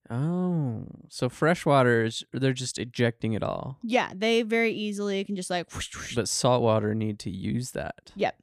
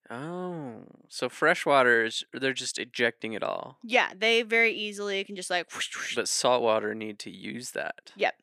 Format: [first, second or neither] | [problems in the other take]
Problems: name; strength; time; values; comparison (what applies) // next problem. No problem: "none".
first | thin; somewhat; fading below 350 Hz